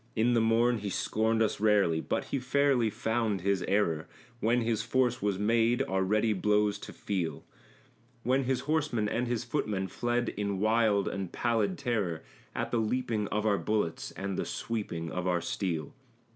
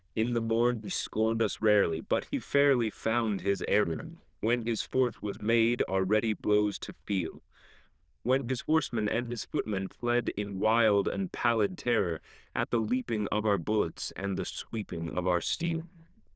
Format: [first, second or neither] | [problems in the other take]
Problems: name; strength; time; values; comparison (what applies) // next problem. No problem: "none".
first | noise reduction (neural diffusion model UNIVERSE++)